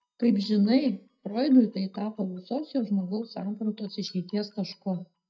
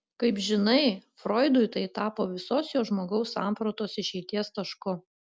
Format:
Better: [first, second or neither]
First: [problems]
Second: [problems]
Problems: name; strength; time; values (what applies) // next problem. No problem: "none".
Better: second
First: noise reduction (neural mask model DeepFilterNet 3)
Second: none